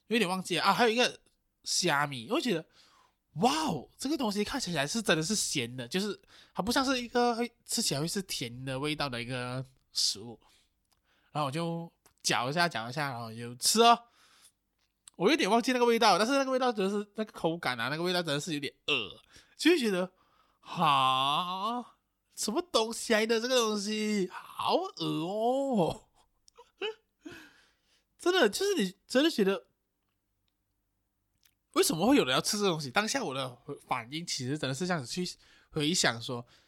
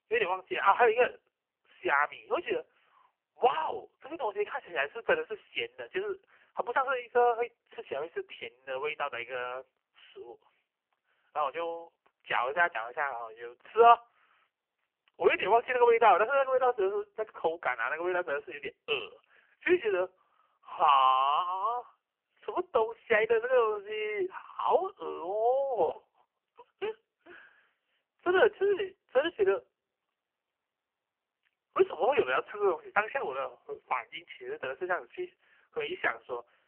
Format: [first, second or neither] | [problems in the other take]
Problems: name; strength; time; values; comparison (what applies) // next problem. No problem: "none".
first | phone-call audio; poor line; nothing above 3 kHz